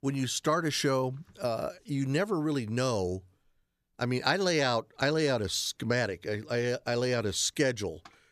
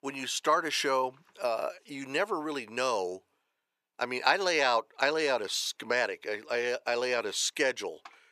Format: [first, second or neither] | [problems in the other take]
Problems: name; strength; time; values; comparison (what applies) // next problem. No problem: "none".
first | thin; somewhat; fading below 450 Hz